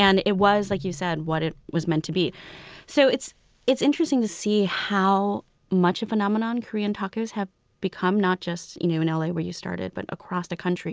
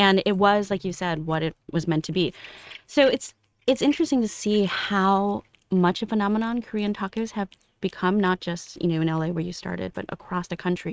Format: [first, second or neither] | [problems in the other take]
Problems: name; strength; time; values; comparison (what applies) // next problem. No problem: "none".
first | noise reduction (neural mask model RNNoise)